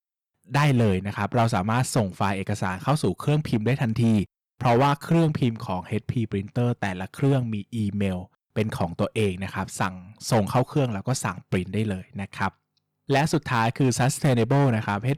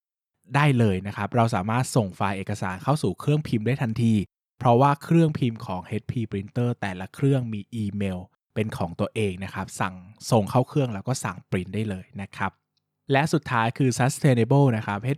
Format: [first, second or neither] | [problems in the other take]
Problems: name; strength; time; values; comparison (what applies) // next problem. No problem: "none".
second | distortion; slight; 6% of the sound clipped